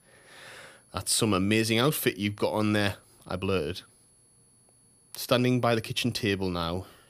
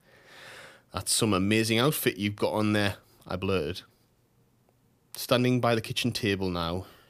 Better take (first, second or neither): second